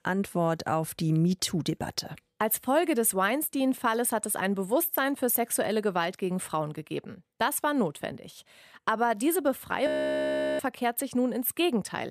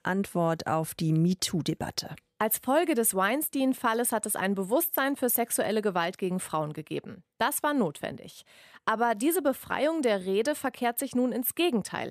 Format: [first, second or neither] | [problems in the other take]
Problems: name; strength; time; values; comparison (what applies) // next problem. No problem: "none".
second | audio freezing; at 10 s for 0.5 s